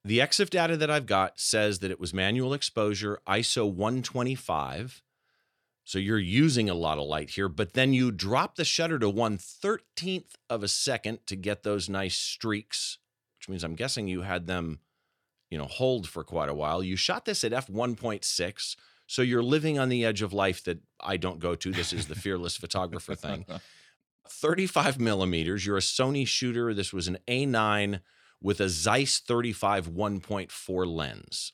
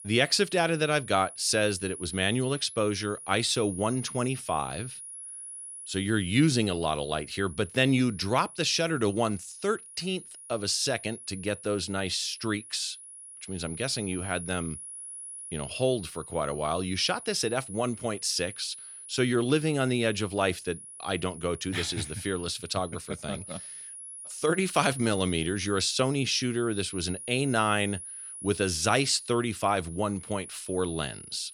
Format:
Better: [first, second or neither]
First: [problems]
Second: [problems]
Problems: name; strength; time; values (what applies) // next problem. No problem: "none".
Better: first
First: none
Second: high-pitched whine; noticeable; throughout; 10.5 kHz, 10 dB below the speech